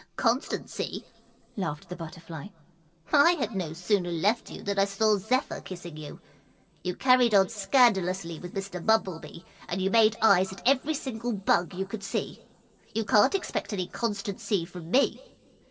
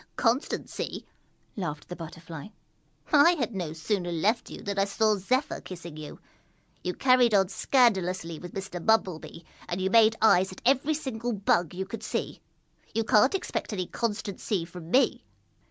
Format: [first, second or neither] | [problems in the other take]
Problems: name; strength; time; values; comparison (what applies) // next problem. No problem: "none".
second | room echo; dies away in 1.9 s